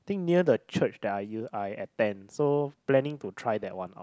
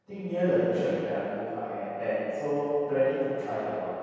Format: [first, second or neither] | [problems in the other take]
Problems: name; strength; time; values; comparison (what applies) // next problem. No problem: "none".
first | room echo; dies away in 2.2 s